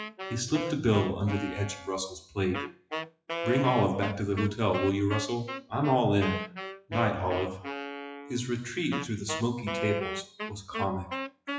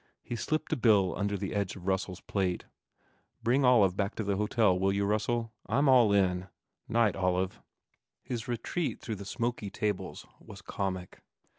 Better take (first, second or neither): second